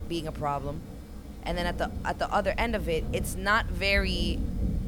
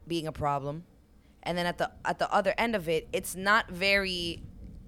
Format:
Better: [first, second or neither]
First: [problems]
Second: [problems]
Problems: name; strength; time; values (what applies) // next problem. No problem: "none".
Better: second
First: rain or running water; loud; throughout; 7 dB below the speech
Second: rain or running water; faint; throughout; 25 dB below the speech